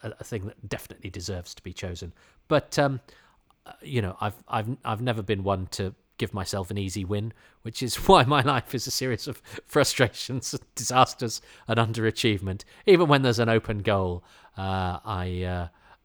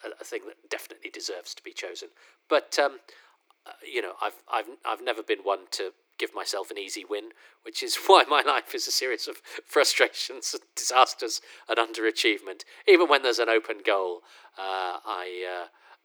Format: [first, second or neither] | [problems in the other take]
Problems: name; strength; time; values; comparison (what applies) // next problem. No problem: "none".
first | thin; very; fading below 300 Hz